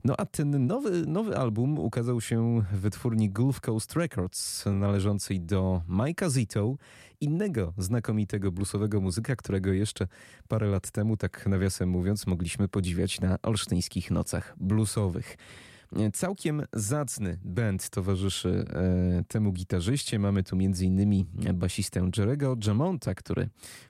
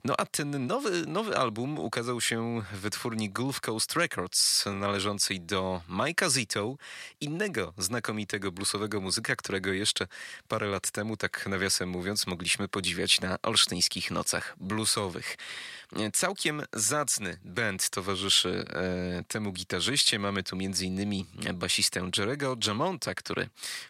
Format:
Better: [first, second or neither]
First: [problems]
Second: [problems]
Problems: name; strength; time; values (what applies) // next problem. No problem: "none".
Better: first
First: none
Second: thin; somewhat; fading below 700 Hz